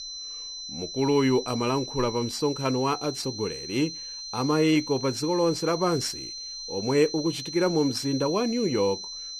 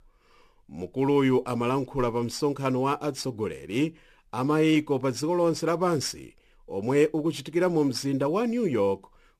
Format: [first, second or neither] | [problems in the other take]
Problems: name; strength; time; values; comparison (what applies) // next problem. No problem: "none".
second | high-pitched whine; loud; throughout; 4 kHz, 9 dB below the speech